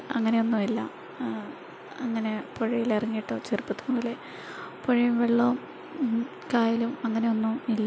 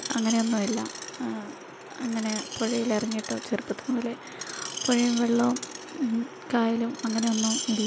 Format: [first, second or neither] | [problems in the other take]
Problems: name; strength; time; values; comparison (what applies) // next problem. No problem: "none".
first | background sound (Screech); 10 dB below the speech